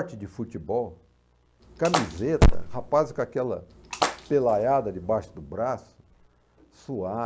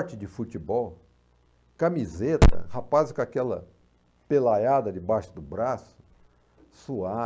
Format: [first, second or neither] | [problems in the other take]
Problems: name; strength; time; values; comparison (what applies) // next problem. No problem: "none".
second | background sound (Splash, splatter); 8 dB below the speech